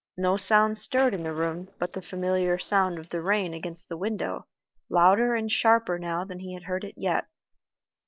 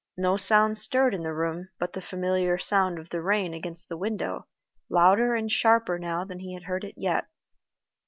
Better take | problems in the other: second | noise reduction (neural separator model SepFormer DNS4)

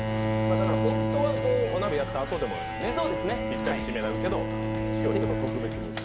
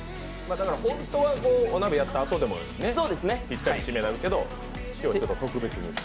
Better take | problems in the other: second | background sound (Bowed string instrument); 2 dB above the speech

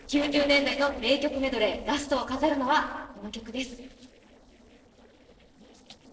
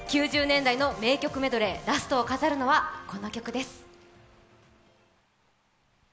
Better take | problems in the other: second | noise reduction (neural separator model SepFormer DNS4)

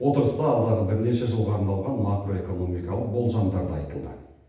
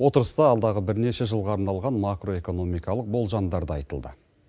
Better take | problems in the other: second | room echo; dies away in 0.9 s

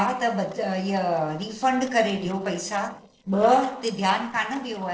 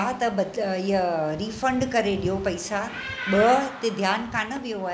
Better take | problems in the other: second | noise reduction (neural separator model SepFormer DNS4)

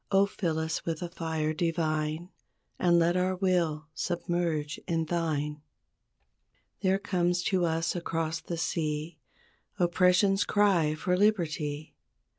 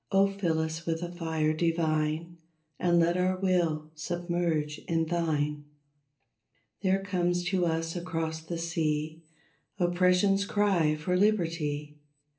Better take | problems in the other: first | room echo; dies away in 0.3 s

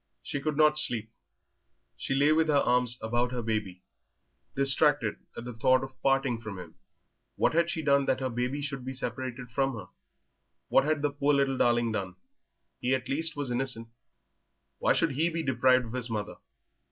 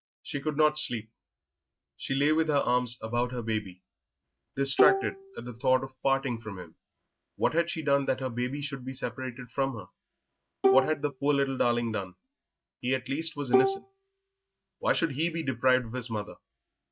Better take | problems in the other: first | noise reduction (neural mask model RNNoise)

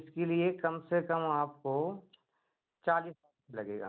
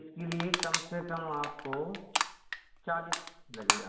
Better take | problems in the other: first | background sound (Crushing); 2 dB above the speech // room echo; dies away in 0.8 s

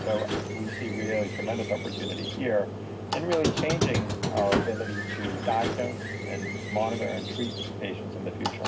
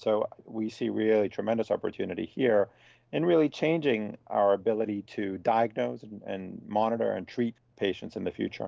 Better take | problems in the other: second | background sound (Squeak); as loud as the speech // room echo; dies away in 0.4 s

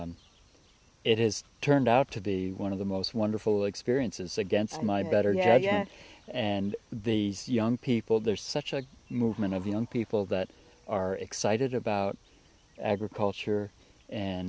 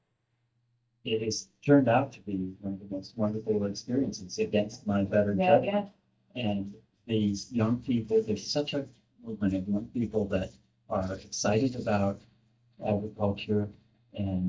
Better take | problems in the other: first | noise reduction (neural mask model DeepFilterNet 3)

